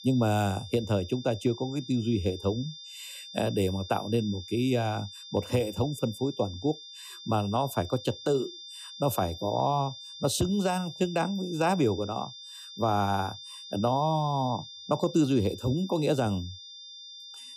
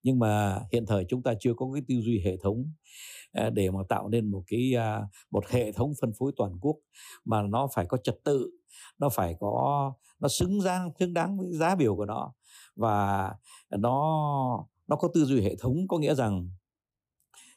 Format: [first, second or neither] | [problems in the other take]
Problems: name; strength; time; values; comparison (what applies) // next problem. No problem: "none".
second | high-pitched whine; noticeable; throughout; 3.5 kHz, 15 dB below the speech